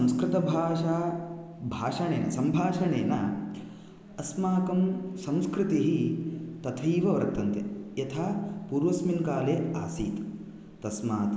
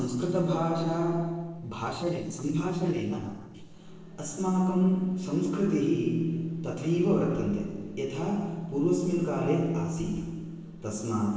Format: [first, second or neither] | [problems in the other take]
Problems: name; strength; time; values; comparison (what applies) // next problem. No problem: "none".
first | noise reduction (neural separator model SepFormer DNS4)